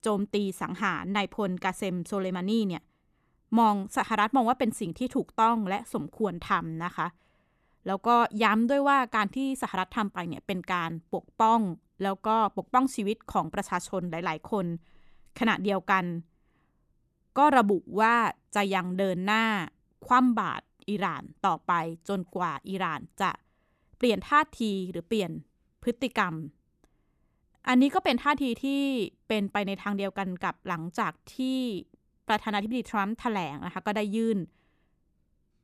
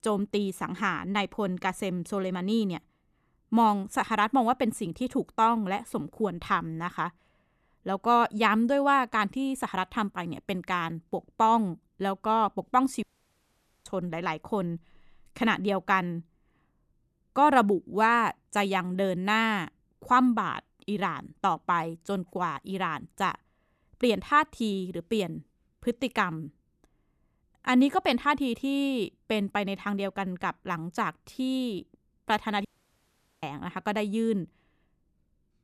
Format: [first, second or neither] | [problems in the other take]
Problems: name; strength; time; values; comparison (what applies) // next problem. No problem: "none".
first | audio cutting out; at 13 s for 1 s and at 33 s for 1 s